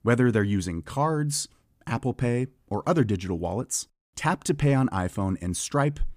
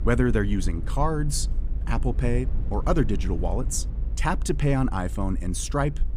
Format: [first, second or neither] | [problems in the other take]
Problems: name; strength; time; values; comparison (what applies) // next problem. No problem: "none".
first | low rumble; noticeable; throughout; 20 dB below the speech